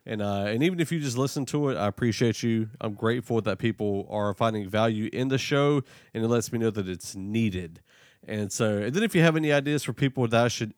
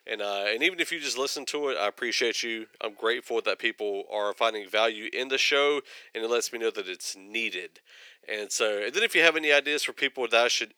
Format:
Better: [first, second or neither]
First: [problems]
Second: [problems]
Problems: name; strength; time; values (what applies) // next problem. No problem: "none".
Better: first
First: none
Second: thin; very; fading below 400 Hz